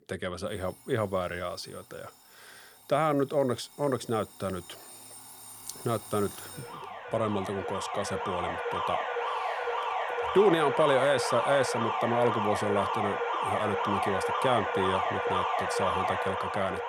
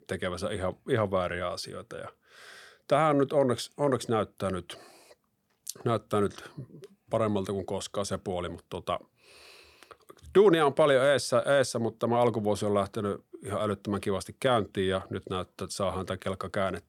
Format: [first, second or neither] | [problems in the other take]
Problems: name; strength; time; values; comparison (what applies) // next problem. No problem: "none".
second | alarms or sirens; loud; throughout; 1 dB below the speech